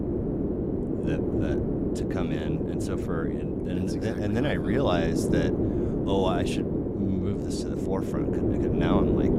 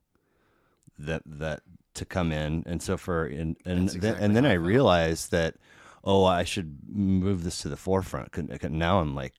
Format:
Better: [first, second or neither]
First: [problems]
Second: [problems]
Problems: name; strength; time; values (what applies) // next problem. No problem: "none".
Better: second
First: wind noise on the microphone; heavy; 1 dB above the speech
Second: none